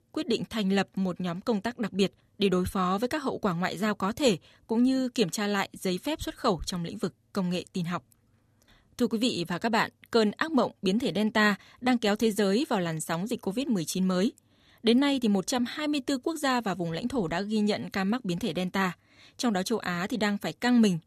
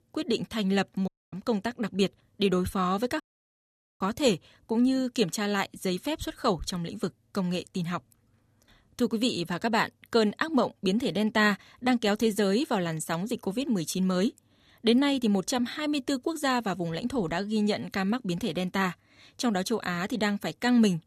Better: first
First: none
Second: audio cutting out; at 1 s and at 3 s for 1 s

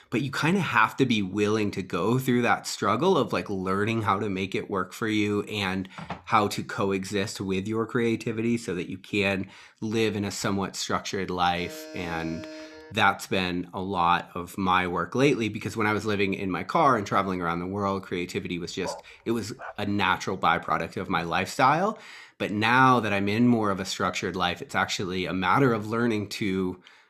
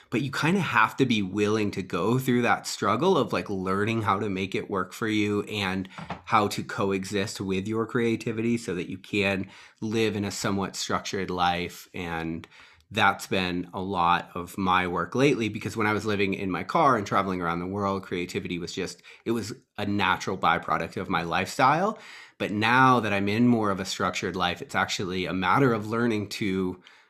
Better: second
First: alarm; faint; from 12 to 13 s; peak 15 dB below the speech // dog barking; faint; at 19 s; peak 10 dB below the speech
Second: none

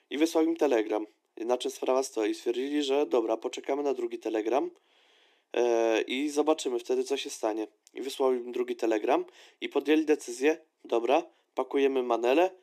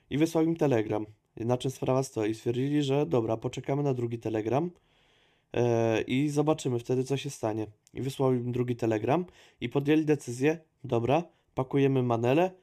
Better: second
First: thin; somewhat; fading below 300 Hz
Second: none

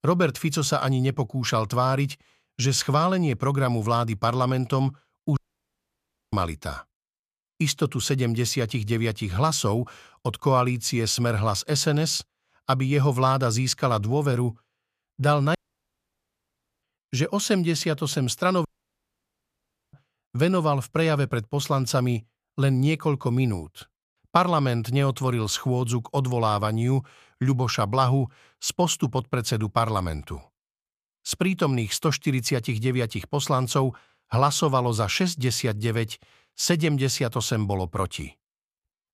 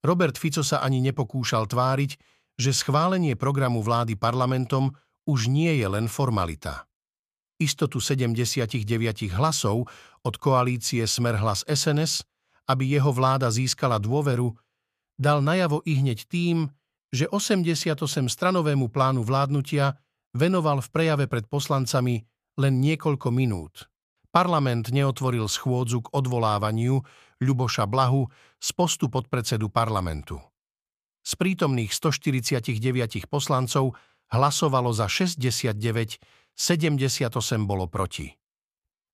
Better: second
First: audio cutting out; at 5.5 s for 1 s, at 16 s for 1.5 s and at 19 s for 1.5 s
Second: none

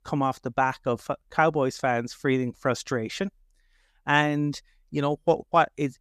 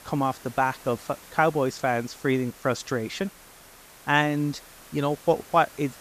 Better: first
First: none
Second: hiss; faint; throughout; 20 dB below the speech

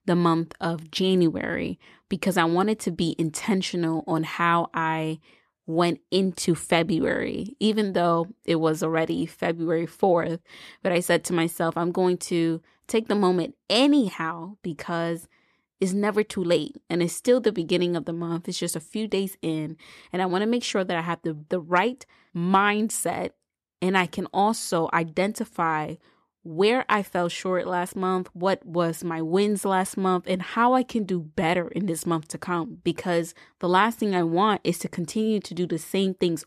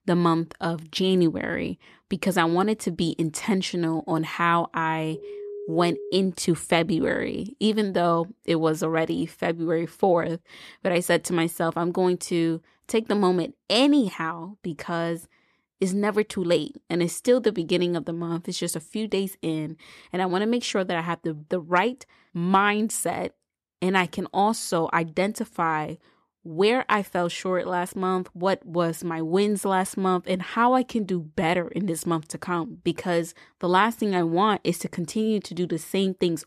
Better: first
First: none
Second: phone ringing; faint; at 5 s; peak 10 dB below the speech

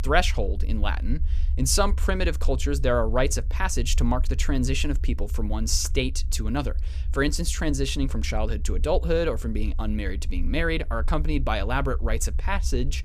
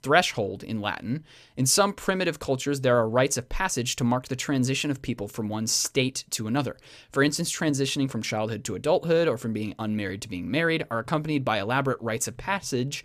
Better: second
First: low rumble; faint; throughout; 20 dB below the speech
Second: none

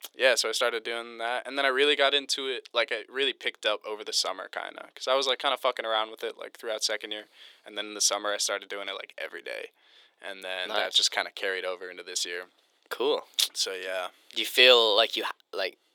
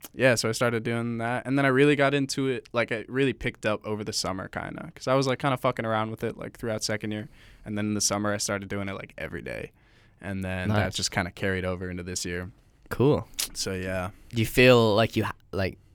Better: second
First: thin; very; fading below 400 Hz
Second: none

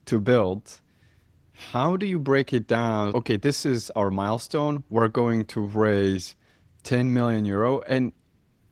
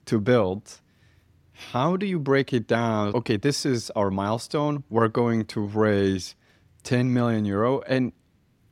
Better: second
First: garbled, watery; slightly; nothing above 16.5 kHz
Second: none

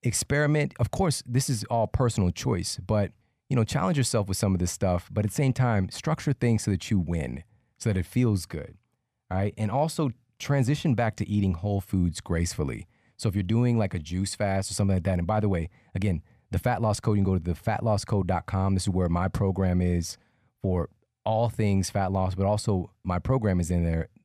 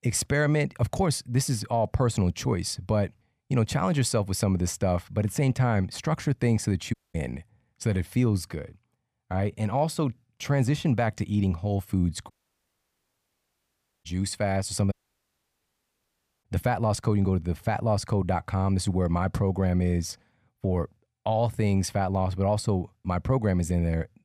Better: first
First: none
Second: audio cutting out; at 7 s, at 12 s for 1.5 s and at 15 s for 1.5 s

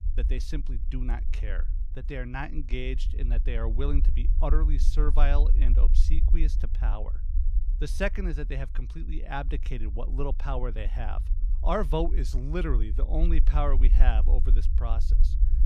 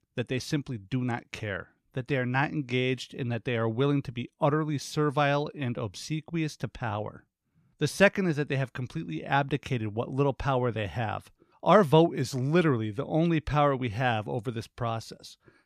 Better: second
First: low rumble; noticeable; throughout; 15 dB below the speech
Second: none

